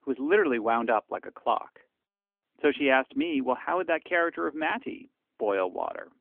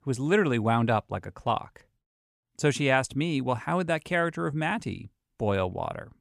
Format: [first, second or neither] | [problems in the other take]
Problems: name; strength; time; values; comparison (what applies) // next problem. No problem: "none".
second | phone-call audio; nothing above 3 kHz